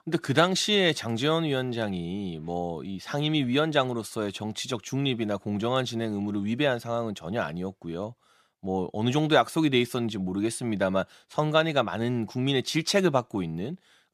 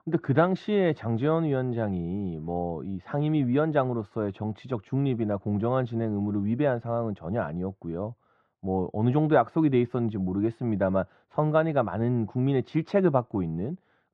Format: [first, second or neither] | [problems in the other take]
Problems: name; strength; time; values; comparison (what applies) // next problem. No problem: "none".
first | muffled; very; fading above 1 kHz